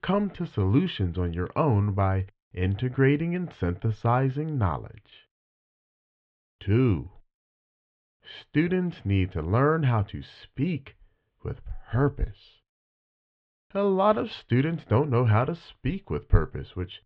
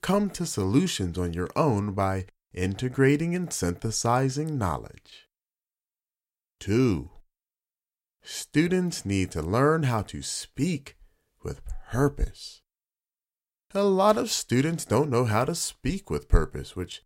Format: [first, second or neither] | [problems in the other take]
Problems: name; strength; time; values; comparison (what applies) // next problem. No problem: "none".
second | muffled; very; fading above 3.5 kHz